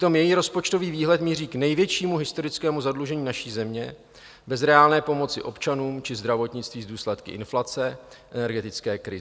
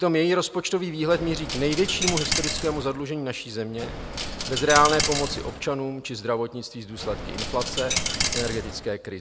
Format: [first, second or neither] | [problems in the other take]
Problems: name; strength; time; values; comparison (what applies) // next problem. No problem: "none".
first | background sound (Coin (dropping)); 3 dB below the speech